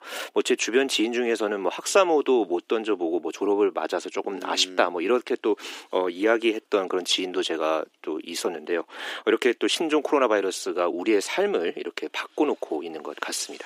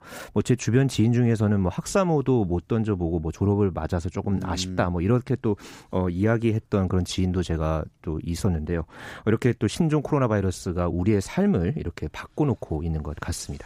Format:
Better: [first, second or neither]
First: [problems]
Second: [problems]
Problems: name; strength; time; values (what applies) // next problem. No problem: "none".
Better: second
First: thin; very; fading below 300 Hz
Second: none